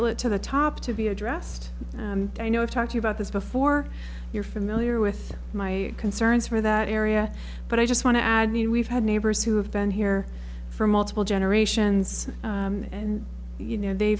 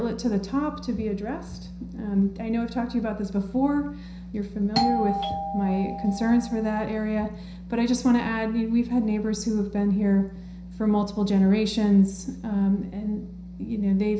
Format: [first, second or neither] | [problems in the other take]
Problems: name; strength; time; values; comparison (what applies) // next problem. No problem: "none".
first | background sound (Doorbell); 5 dB below the speech // room echo; dies away in 0.5 s